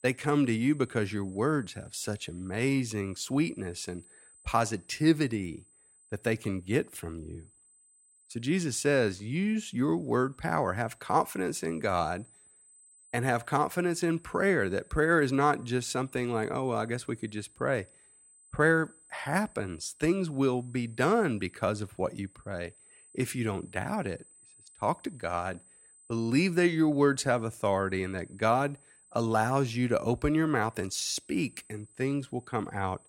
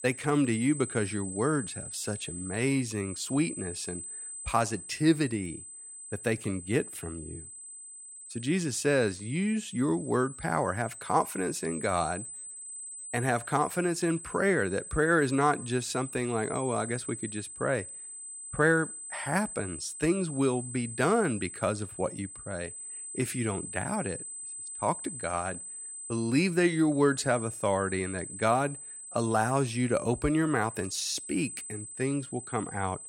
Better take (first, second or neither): first